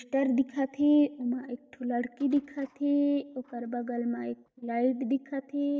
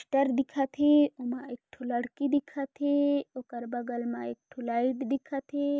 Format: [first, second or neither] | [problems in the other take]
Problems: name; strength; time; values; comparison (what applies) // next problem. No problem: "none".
second | noise reduction (neural mask model DeepFilterNet 3)